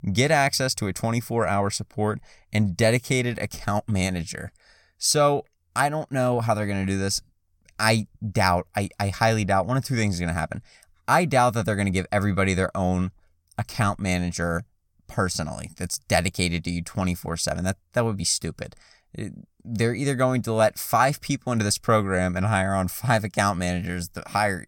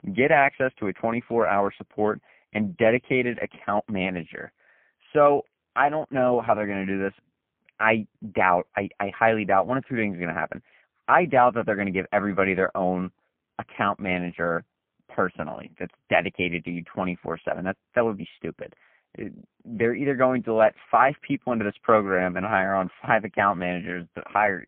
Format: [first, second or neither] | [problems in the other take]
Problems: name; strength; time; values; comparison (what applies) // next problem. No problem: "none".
first | phone-call audio; poor line